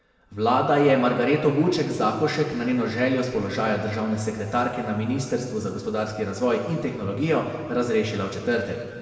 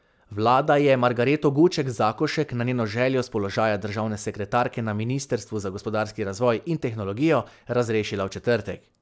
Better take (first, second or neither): second